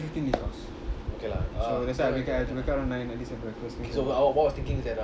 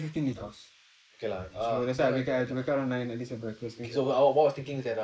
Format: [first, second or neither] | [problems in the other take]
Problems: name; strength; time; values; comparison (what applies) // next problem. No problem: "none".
first | noise reduction (neural mask model Resemble Enhance denoiser)